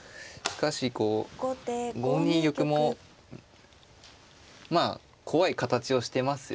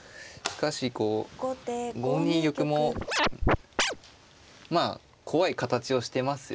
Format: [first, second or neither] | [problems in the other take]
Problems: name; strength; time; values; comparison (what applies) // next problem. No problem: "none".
first | background sound (Scratching (performance technique)); 2 dB above the speech